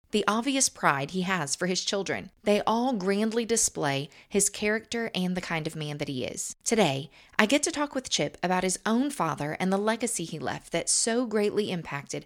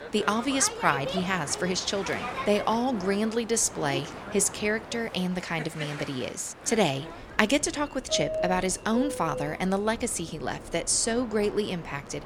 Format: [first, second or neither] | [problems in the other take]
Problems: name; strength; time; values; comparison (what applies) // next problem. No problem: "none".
first | train or aircraft noise; noticeable; throughout; 10 dB below the speech